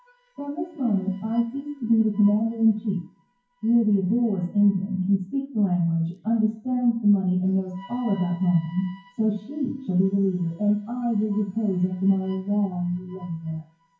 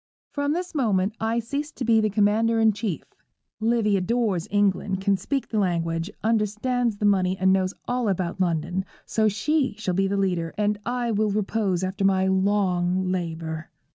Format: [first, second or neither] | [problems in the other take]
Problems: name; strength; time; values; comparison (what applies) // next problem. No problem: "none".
second | noise reduction (classical method WPE with log-MMSE)